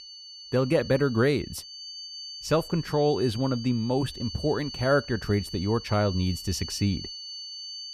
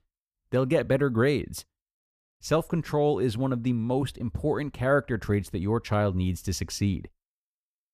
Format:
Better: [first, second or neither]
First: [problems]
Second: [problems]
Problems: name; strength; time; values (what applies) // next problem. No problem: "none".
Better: second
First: high-pitched whine; noticeable; throughout; 4.5 kHz, 10 dB below the speech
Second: none